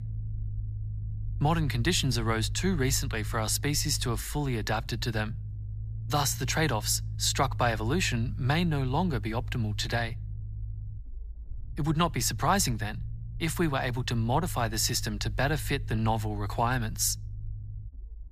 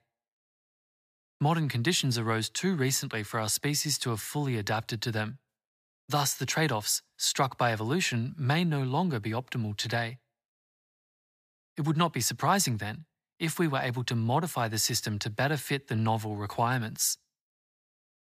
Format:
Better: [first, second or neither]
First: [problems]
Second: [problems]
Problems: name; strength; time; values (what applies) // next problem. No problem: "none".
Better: second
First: low rumble; faint; throughout; 25 dB below the speech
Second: none